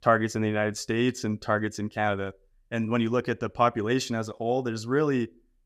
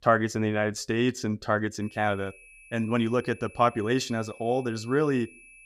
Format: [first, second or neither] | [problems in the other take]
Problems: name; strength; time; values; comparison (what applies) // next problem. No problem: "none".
first | high-pitched whine; faint; from 2 s on; 2.5 kHz, 20 dB below the speech